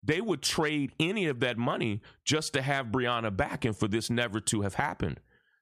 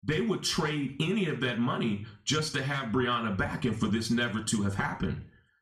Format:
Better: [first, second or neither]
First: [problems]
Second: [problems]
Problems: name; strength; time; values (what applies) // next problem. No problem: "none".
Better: first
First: none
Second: room echo; very slight; dies away in 0.4 s // off-mic speech; somewhat distant